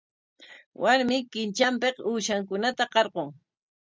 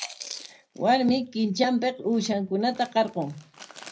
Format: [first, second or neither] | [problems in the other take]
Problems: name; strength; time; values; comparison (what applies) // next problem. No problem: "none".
first | background sound (Chewing, mastication); 19 dB below the speech // room echo; dies away in 0.4 s